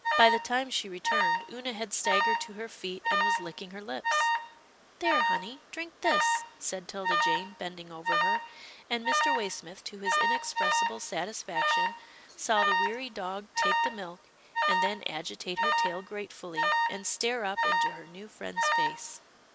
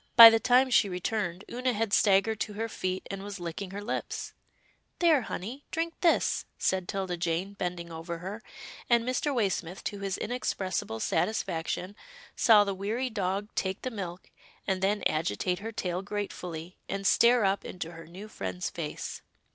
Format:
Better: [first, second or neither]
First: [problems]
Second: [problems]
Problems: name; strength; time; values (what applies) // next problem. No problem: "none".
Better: second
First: background sound (Alarm); 4 dB above the speech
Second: none